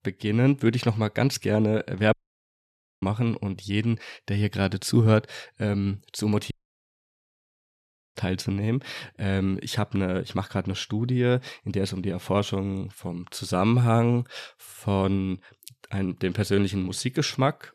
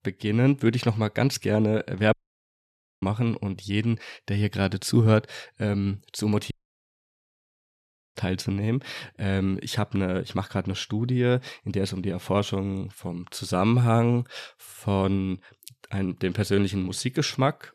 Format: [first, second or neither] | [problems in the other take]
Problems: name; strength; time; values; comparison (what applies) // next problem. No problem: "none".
neither | audio cutting out; at 2 s for 1 s and at 6.5 s for 1.5 s; the same in both